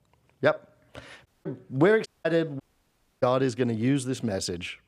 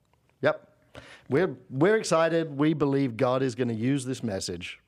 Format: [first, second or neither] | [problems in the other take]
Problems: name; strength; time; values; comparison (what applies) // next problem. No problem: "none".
second | audio cutting out; at 1.5 s, at 2 s and at 2.5 s for 0.5 s